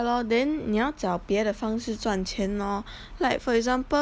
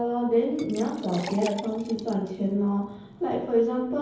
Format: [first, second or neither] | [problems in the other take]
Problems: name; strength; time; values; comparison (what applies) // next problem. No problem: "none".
first | background sound (Liquid); 17 dB below the speech // room echo; dies away in 0.9 s